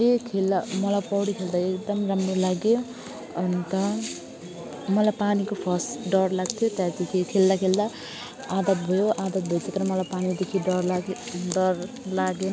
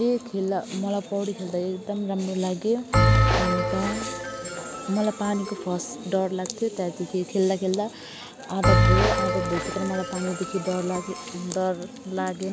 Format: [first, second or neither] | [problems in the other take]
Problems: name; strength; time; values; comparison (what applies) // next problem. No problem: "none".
first | background sound (Bell); as loud as the speech